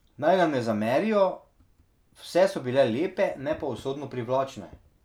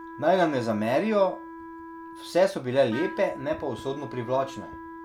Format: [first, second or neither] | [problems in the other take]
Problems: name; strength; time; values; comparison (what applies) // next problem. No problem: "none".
first | background sound (Wind instrument, woodwind instrument); 14 dB below the speech